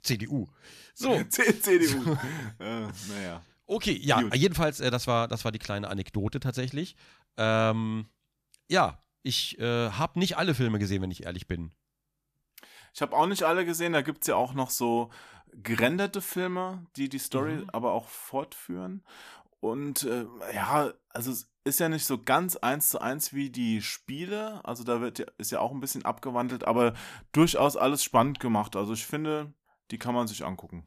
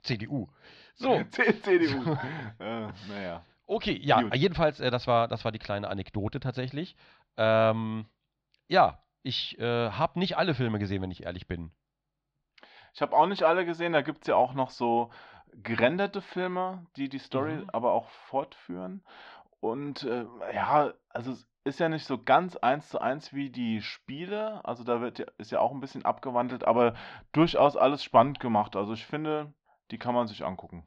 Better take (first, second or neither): first